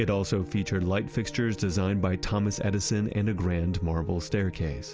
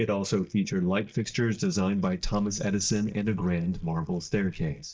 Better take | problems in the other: first | noise reduction (neural mask model DeepFilterNet 3)

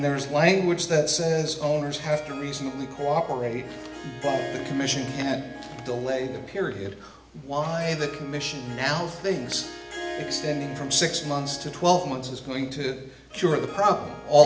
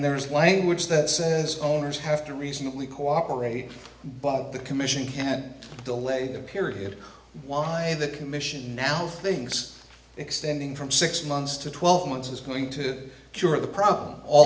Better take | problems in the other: second | background sound (Harp); 14 dB below the speech

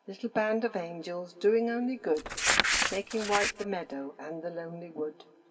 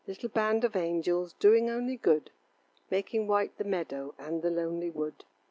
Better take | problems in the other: second | background sound (Crumpling, crinkling); 1 dB above the speech // room echo; dies away in 2 s

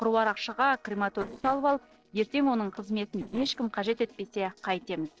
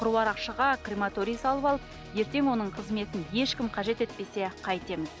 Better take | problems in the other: second | noise reduction (neural separator model SepFormer DNS4)

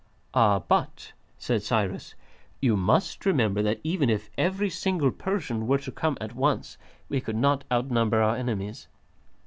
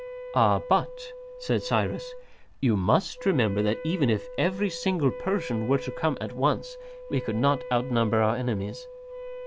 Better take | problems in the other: first | background sound (Wind instrument, woodwind instrument); 12 dB below the speech

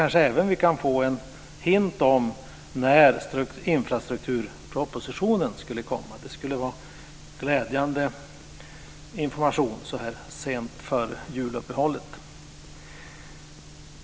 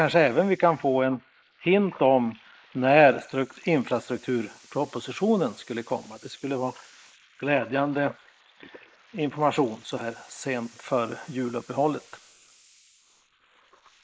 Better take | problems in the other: first | noise reduction (neural mask model Resemble Enhance denoiser)

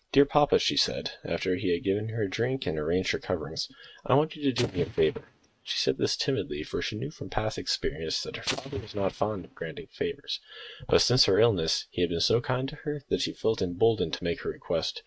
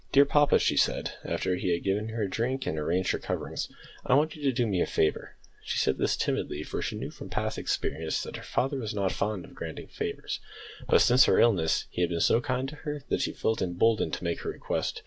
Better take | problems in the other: second | noise reduction (neural mask model RNNoise)

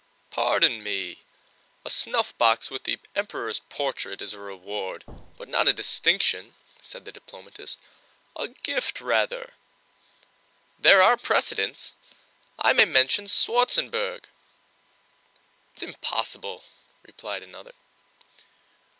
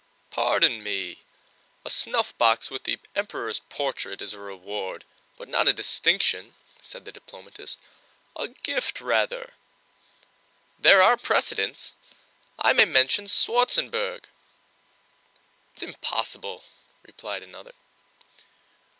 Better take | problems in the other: second | background sound (Thump, thud); 17 dB below the speech

